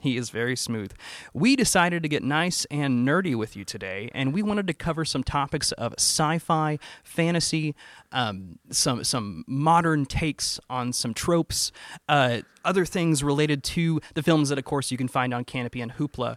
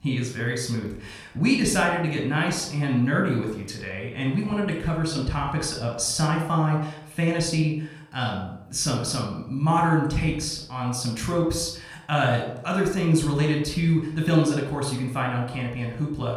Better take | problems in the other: first | off-mic speech; somewhat distant // room echo; noticeable; dies away in 0.6 s

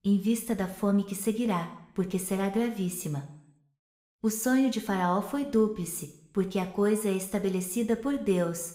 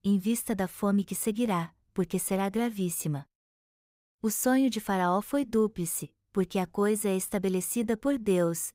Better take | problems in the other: second | room echo; very slight; dies away in 0.6 s

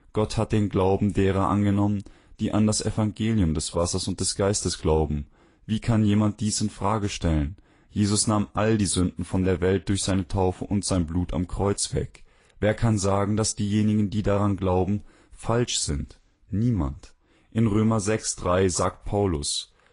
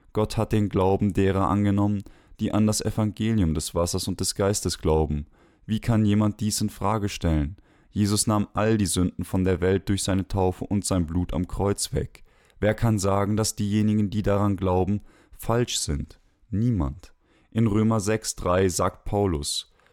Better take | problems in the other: second | garbled, watery; slightly; nothing above 10.5 kHz

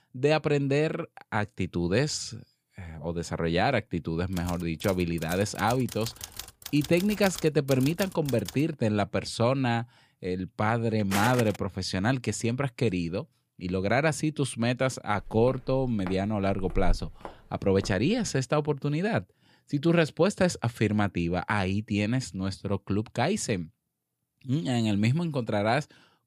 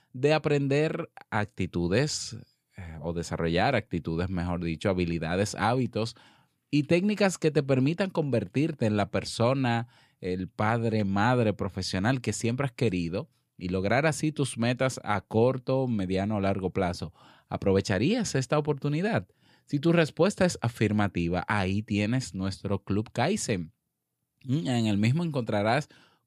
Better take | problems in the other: second | keyboard typing; faint; from 4.5 to 8.5 s; peak 10 dB below the speech // footsteps; noticeable; at 11 s and from 16 to 18 s; peak 4 dB below the speech

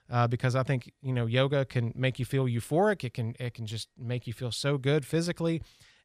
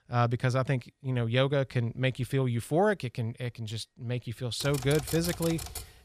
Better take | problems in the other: first | keyboard typing; noticeable; from 4.5 s on; peak 7 dB below the speech

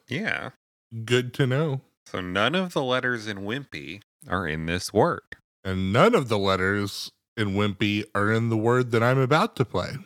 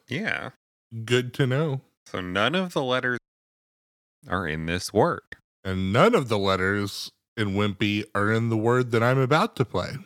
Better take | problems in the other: first | audio cutting out; at 3 s for 1 s

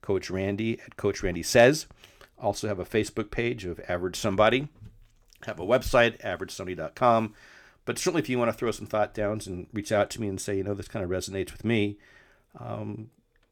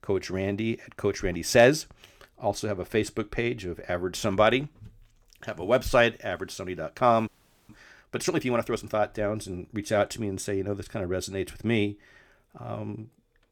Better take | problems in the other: first | audio freezing; at 7.5 s

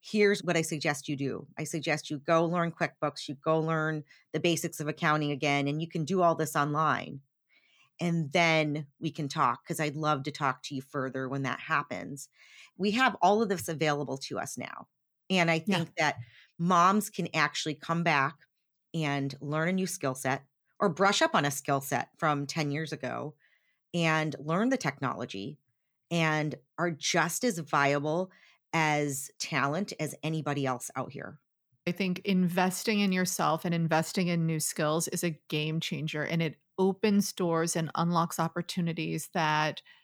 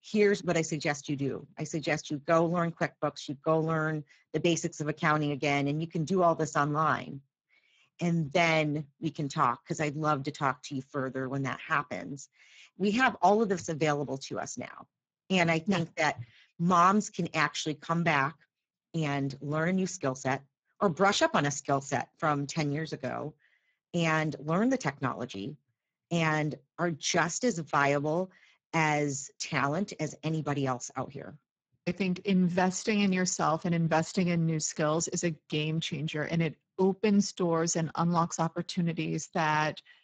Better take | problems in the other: first | garbled, watery; badly; nothing above 7.5 kHz

